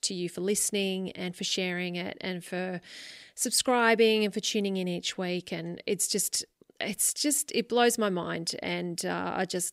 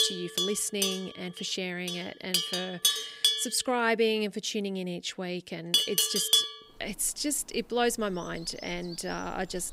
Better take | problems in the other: first | animal sounds; very loud; throughout; 4 dB above the speech

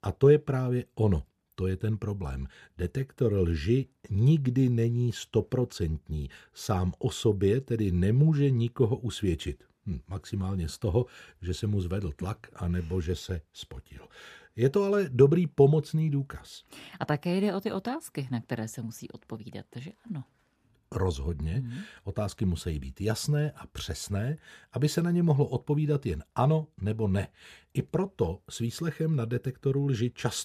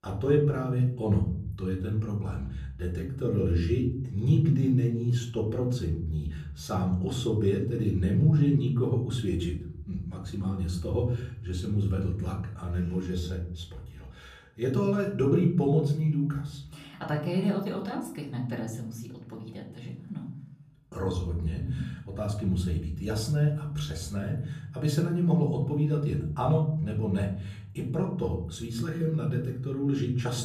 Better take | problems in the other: first | off-mic speech; far // room echo; slight; dies away in 0.7 s

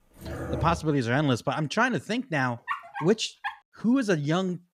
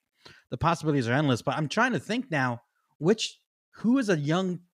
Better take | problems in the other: second | dog barking; noticeable; until 1 s and at 2.5 s; peak 7 dB below the speech

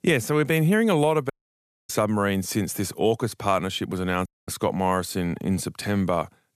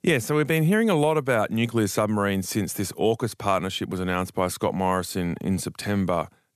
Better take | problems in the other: second | audio cutting out; at 1.5 s for 0.5 s and at 4.5 s

